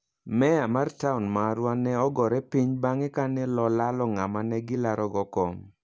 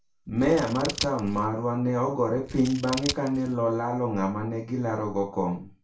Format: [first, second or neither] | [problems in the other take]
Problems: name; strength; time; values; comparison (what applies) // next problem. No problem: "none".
first | background sound (Scissors); 10 dB below the speech // room echo; dies away in 0.3 s